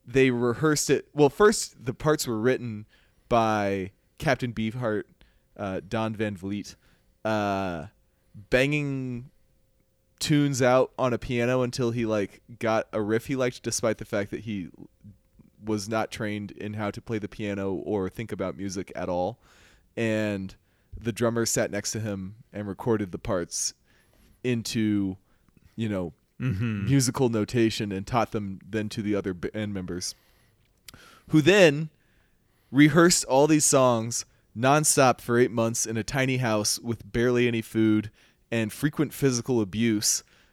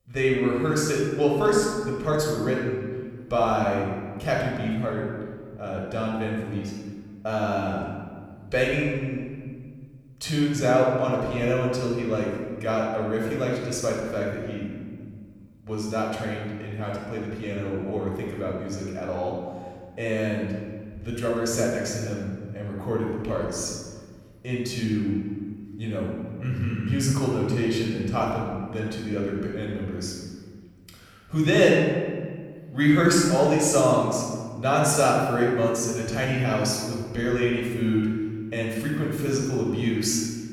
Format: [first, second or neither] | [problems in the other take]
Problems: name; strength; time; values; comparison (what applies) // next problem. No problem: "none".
first | off-mic speech; far // room echo; noticeable; dies away in 1.6 s